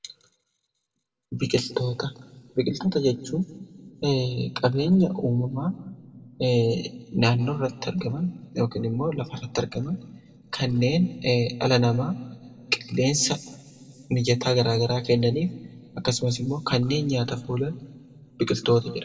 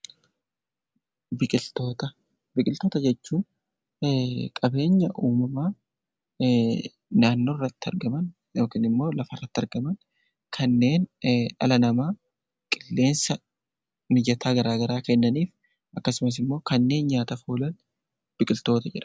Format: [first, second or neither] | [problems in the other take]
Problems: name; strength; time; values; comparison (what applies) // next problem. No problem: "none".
second | room echo; dies away in 1.1 s